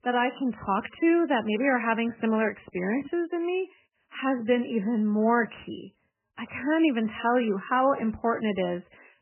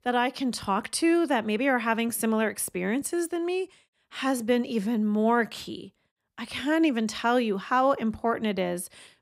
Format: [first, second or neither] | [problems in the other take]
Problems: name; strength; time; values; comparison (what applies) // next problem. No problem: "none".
second | garbled, watery; badly; nothing above 3 kHz